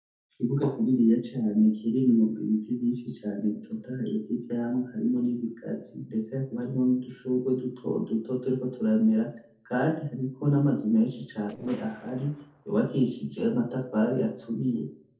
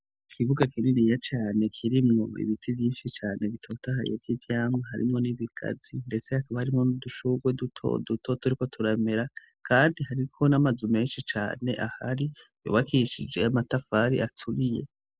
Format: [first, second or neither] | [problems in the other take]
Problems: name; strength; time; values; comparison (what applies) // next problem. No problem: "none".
second | noise reduction (neural separator model SepFormer DNS4)